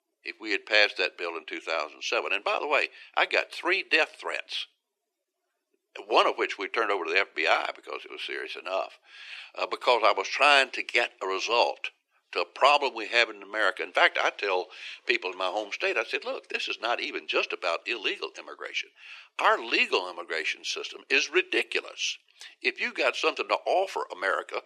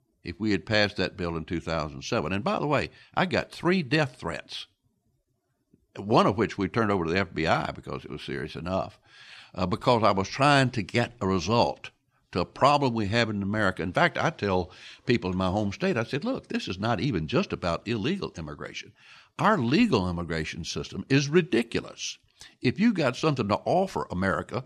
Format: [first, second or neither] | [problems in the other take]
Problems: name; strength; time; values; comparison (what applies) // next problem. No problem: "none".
second | thin; very; fading below 350 Hz